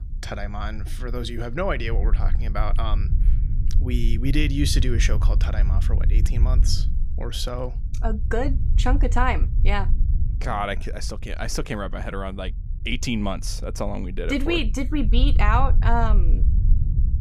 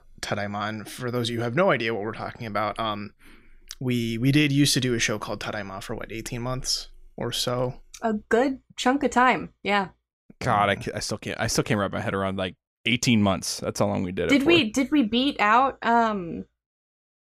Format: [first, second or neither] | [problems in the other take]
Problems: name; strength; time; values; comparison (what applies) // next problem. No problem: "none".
second | low rumble; noticeable; throughout; 15 dB below the speech